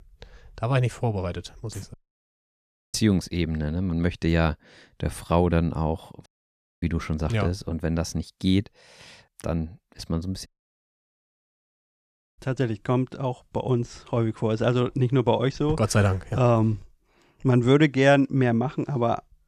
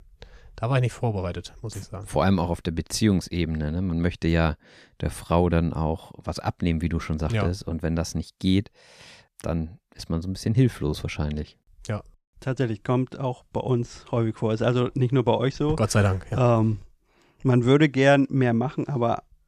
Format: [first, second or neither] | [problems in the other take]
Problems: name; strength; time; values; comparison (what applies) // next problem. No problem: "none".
second | audio cutting out; at 2 s for 1 s, at 6.5 s for 0.5 s and at 10 s for 2 s